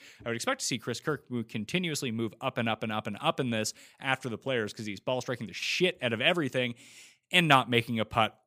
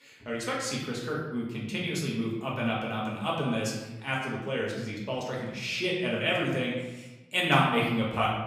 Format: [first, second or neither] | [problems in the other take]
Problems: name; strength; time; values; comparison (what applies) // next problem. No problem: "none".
first | room echo; noticeable; dies away in 1 s // off-mic speech; far